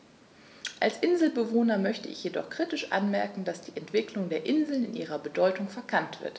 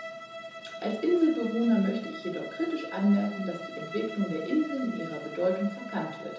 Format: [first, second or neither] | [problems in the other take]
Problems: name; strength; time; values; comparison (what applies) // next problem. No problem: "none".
first | background sound (Bowed string instrument); 12 dB below the speech // room echo; dies away in 0.6 s